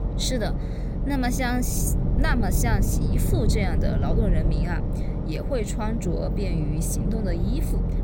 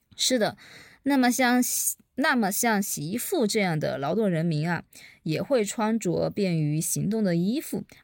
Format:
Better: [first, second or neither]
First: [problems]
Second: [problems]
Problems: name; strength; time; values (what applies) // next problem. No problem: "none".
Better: second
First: low rumble; loud; throughout; 5 dB below the speech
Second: none